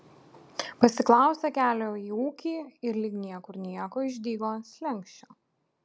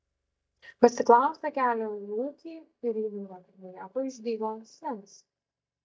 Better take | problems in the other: first | noise reduction (neural mask model DeepFilterNet 3)

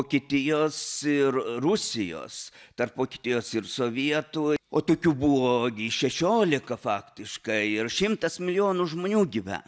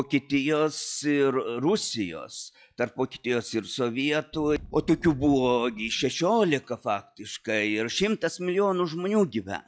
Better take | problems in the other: first | noise reduction (classical method log-MMSE)

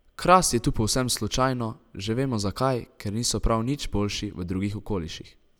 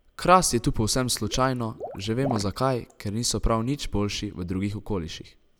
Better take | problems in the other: first | background sound (Water / Liquid); 15 dB below the speech

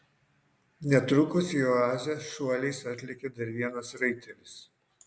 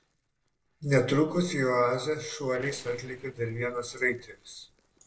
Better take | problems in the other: first | noise reduction (neural separator model SepFormer DNS4)

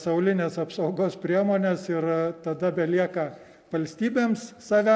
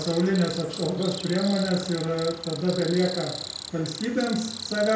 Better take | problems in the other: first | background sound (Cricket); 11 dB below the speech // room echo; dies away in 0.5 s

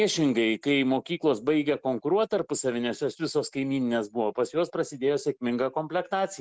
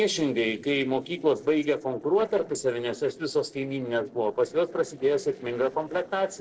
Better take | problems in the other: first | noise reduction (neural separator model SepFormer DNS4)

